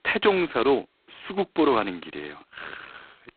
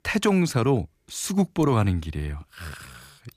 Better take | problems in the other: second | phone-call audio; poor line; nothing above 4 kHz

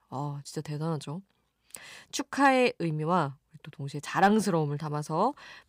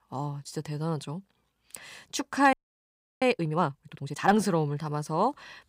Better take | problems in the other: first | audio freezing; at 2.5 s for 0.5 s

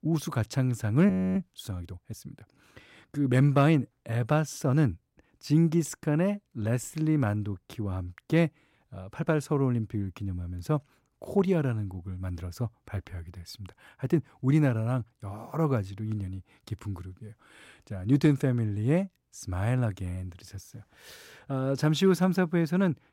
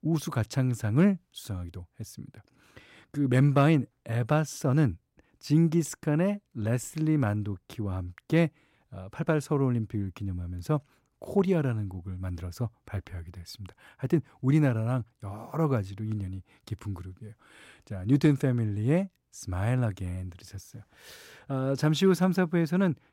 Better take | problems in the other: second | audio freezing; at 1 s

